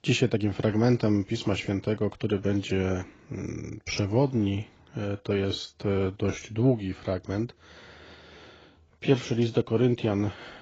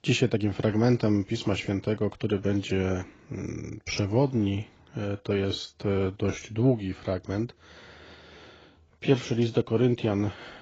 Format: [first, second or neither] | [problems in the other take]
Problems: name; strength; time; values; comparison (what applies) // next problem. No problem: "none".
neither | garbled, watery; badly; nothing above 7.5 kHz; the same in both